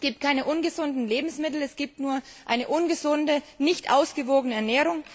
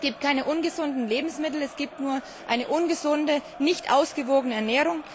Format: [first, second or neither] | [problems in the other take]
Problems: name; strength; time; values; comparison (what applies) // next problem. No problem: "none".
first | background sound (Crowd); 17 dB below the speech